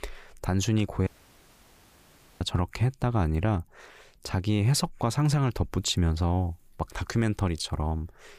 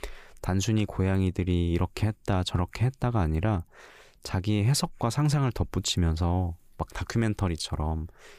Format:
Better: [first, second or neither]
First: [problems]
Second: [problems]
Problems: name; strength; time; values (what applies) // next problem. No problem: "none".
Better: second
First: audio cutting out; at 1 s for 1.5 s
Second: none